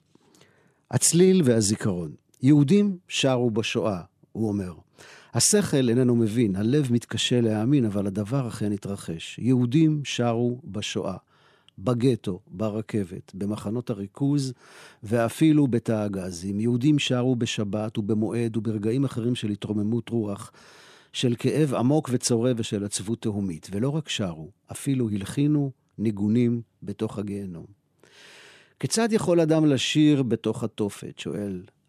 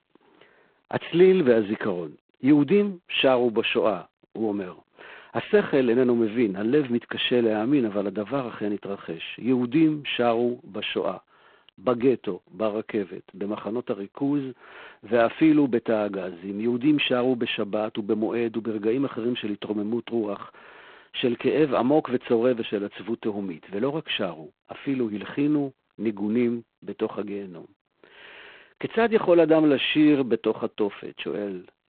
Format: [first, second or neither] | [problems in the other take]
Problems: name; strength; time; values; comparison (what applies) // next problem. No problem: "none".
first | phone-call audio; poor line